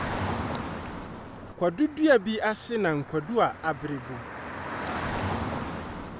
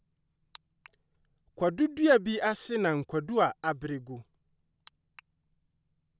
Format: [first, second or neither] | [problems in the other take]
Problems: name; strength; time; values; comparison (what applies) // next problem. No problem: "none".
second | background sound (Traffic noise, roadway noise / Car); 5 dB below the speech